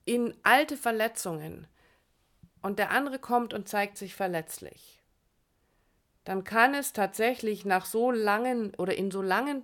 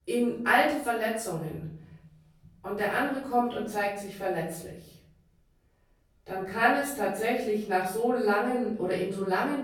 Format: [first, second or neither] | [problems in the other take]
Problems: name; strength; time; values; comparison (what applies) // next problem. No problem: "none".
first | off-mic speech; far // room echo; noticeable; dies away in 0.9 s